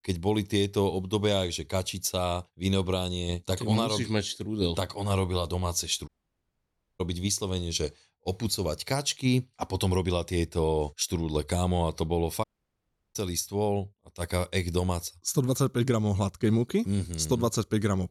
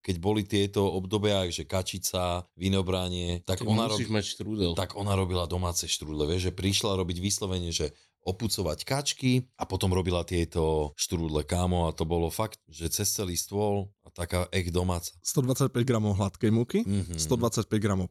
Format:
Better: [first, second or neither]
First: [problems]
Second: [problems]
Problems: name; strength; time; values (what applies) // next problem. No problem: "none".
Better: second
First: audio cutting out; at 6 s for 1 s and at 12 s for 0.5 s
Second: none